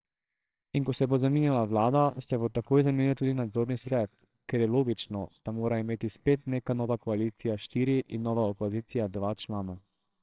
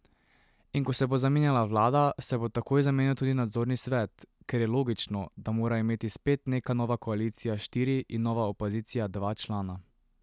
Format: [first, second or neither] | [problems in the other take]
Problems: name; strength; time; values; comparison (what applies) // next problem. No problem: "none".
second | noise reduction (neural separator model SepFormer WHAMR!)